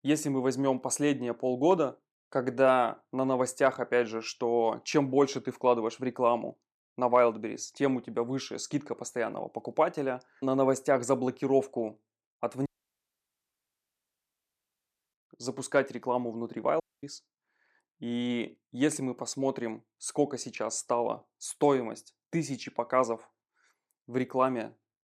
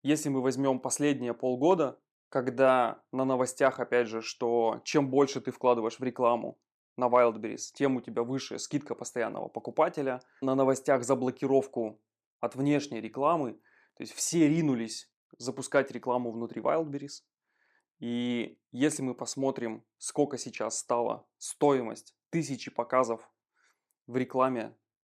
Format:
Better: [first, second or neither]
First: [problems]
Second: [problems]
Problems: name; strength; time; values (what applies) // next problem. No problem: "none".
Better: second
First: audio cutting out; at 13 s for 2.5 s and at 17 s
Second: none